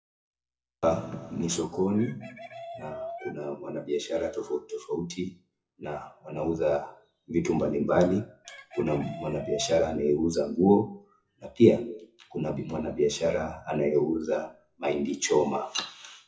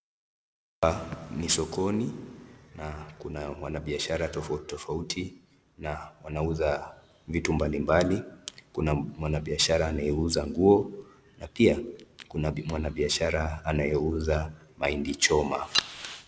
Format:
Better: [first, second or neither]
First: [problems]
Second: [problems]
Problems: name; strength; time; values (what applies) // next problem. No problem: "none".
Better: second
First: noise reduction (classical method WPE with log-MMSE)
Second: none